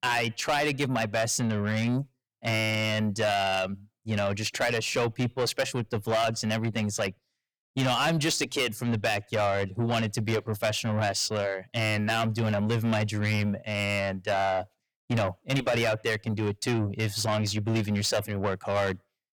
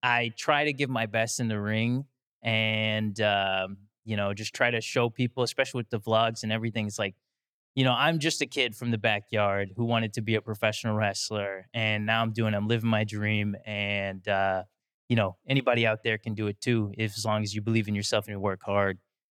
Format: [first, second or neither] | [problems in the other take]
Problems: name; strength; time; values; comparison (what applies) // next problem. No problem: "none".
second | distortion; heavy; 7 dB below the speech